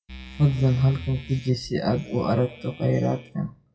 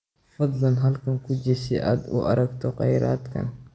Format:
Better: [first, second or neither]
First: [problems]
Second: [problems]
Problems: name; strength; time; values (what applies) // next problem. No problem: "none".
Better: second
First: noise reduction (classical method WPE with log-MMSE)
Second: none